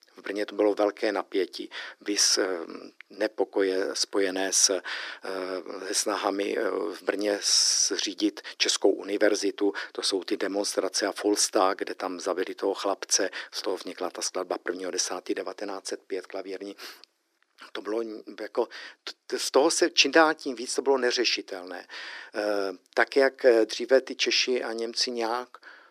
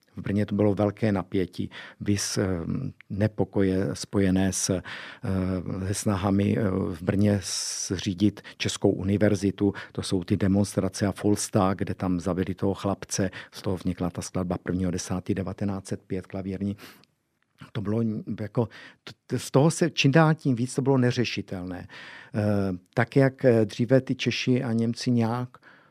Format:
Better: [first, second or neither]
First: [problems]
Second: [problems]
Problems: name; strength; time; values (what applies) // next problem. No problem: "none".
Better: second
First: thin; very; fading below 350 Hz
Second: none